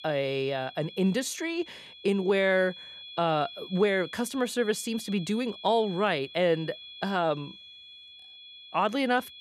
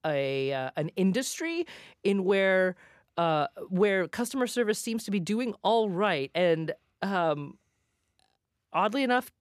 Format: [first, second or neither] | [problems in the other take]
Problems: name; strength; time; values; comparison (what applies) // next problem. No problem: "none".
second | high-pitched whine; noticeable; throughout; 3.5 kHz, 15 dB below the speech